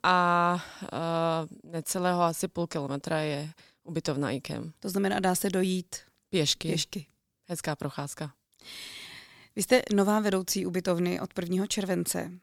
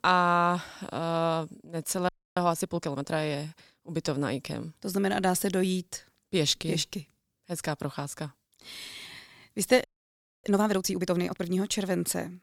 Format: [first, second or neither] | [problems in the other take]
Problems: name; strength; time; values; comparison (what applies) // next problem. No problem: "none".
first | audio freezing; at 2 s and at 10 s for 0.5 s